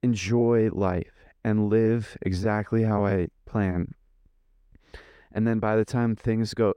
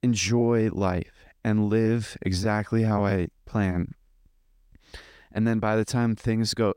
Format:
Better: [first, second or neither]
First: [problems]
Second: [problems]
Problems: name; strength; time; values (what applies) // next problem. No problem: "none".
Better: second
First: muffled; slightly; fading above 3 kHz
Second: none